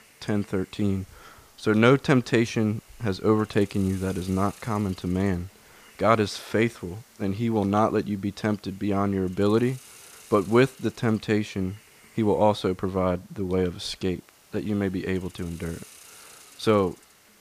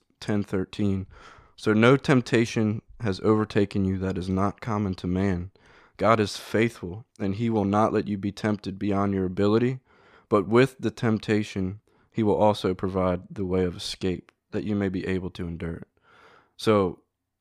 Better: second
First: hiss; faint; throughout; 25 dB below the speech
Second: none

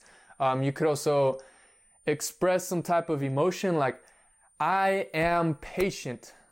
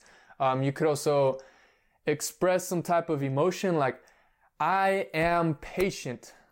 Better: second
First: high-pitched whine; faint; throughout; 9 kHz, 35 dB below the speech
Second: none

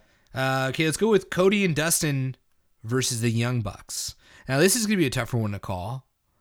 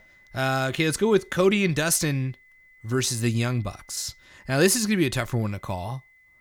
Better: first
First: none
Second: high-pitched whine; faint; throughout; 2 kHz, 30 dB below the speech

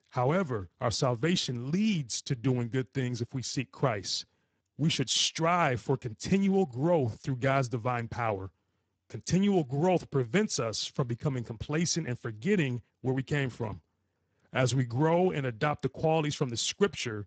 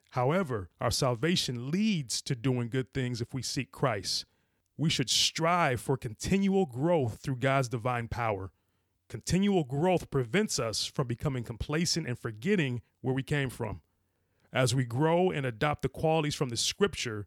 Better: second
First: garbled, watery; badly; nothing above 7.5 kHz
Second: none

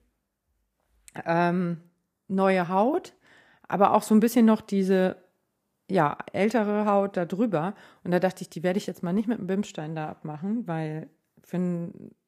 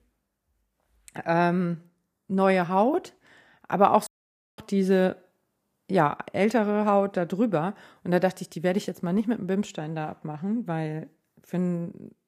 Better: first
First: none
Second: audio cutting out; at 4 s for 0.5 s

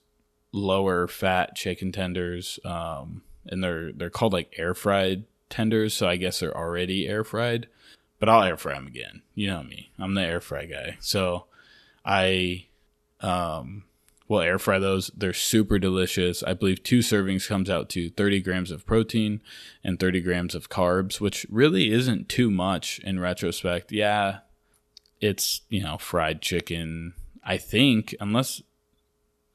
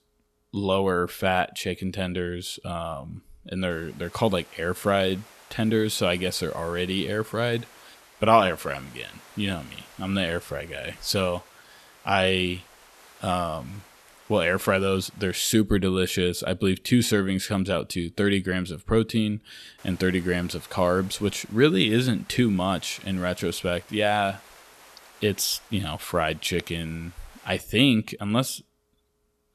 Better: first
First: none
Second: hiss; faint; from 3.5 to 15 s and from 20 to 28 s; 25 dB below the speech

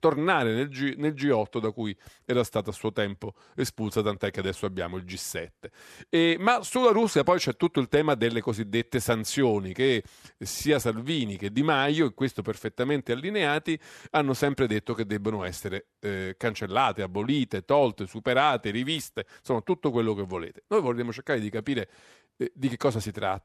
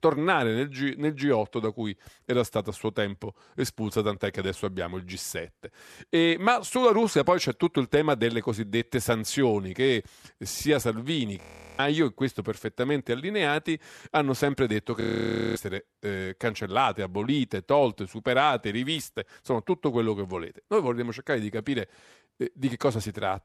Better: first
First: none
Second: audio freezing; at 11 s and at 15 s for 0.5 s

